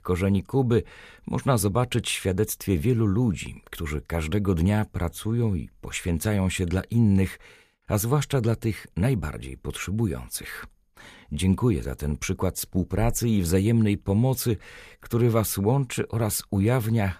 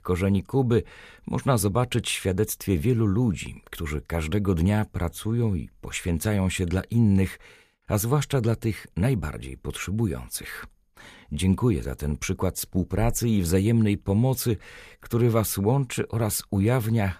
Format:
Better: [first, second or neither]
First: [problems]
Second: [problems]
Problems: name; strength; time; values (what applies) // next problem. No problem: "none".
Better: neither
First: none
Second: none